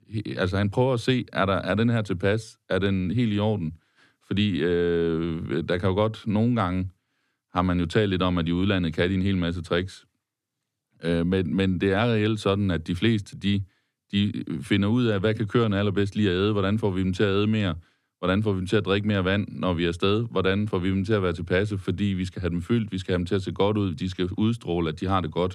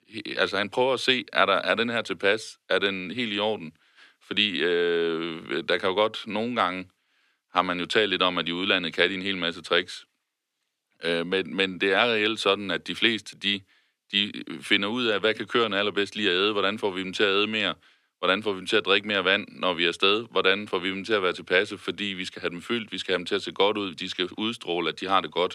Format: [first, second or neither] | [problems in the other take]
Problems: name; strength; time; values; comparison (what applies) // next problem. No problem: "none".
first | thin; somewhat; fading below 400 Hz